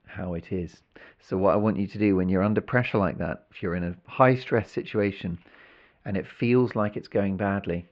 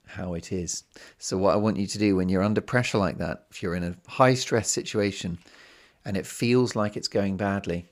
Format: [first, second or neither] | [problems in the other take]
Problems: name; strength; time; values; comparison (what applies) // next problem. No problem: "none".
second | muffled; very; fading above 3 kHz